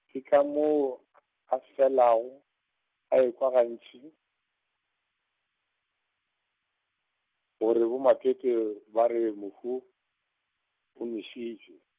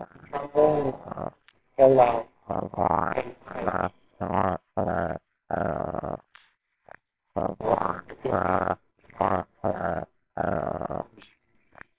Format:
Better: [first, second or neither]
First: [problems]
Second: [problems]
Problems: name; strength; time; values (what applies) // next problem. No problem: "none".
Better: first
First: none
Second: noise reduction (neural separator model SepFormer WHAMR!)